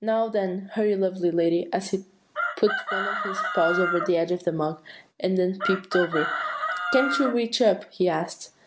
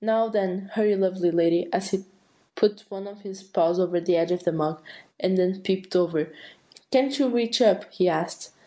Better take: second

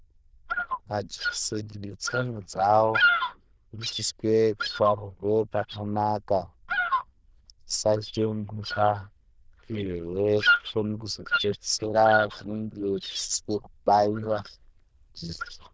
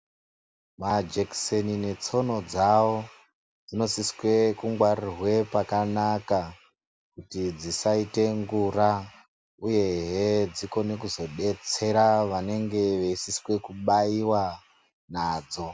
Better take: second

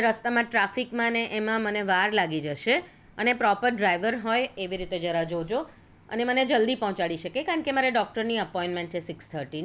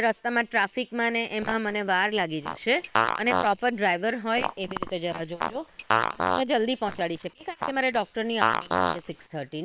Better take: first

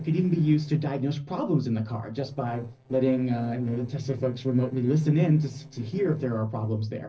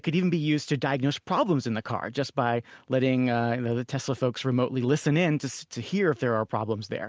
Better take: second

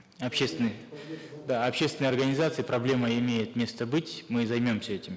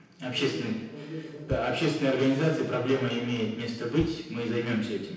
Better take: first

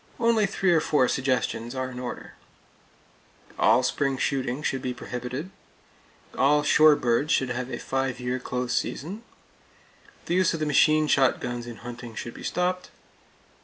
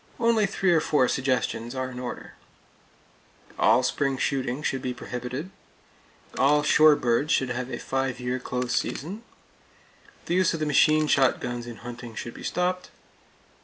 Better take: first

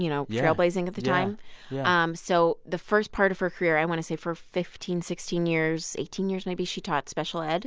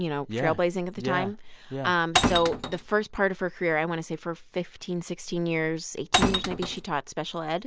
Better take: first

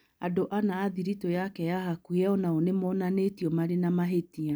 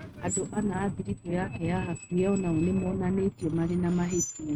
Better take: first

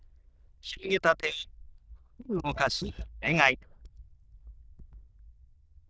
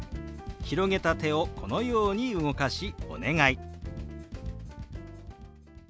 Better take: second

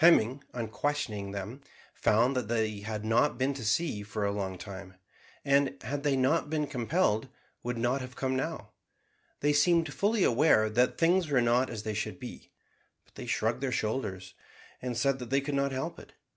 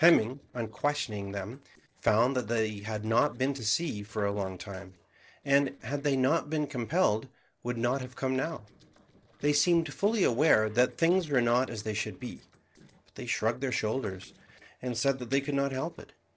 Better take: first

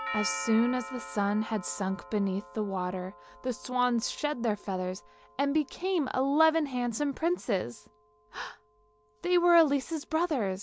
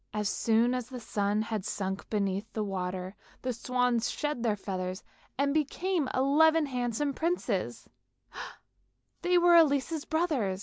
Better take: second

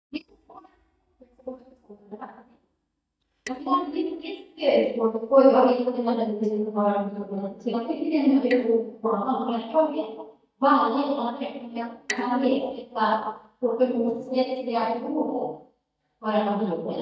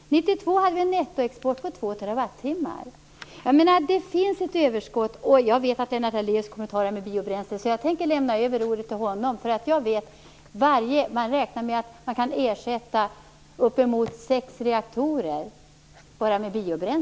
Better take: second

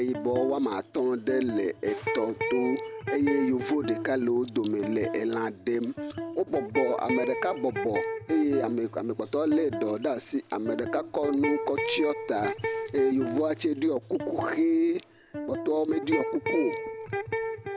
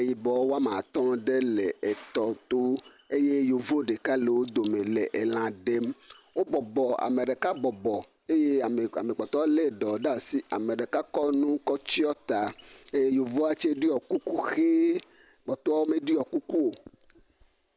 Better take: second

